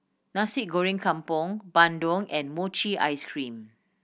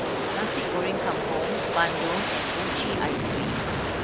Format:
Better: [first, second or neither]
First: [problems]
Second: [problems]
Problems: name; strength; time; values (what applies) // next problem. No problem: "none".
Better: first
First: none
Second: background sound (Aircraft); 5 dB above the speech